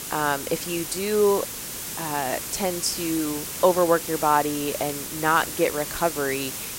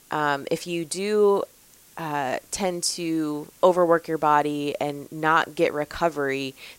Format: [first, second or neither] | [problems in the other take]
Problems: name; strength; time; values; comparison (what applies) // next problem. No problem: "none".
second | hiss; loud; throughout; 6 dB below the speech; faint in the second